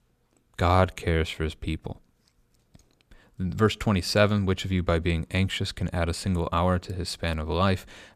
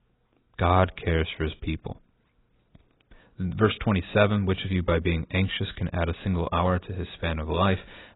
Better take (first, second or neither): first